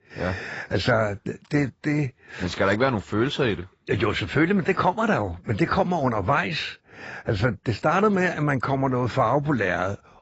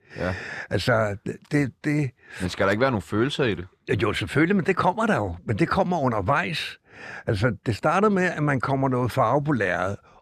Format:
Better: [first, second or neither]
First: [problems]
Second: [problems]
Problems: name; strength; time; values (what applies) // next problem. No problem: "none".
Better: second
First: garbled, watery; badly; nothing above 7.5 kHz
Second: none